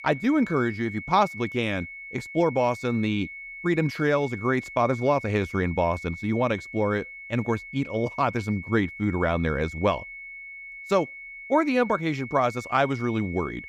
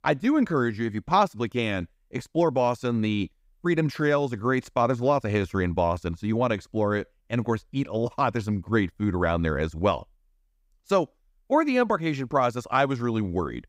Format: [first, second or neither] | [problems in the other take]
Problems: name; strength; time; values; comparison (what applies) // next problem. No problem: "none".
second | high-pitched whine; noticeable; throughout; 2 kHz, 10 dB below the speech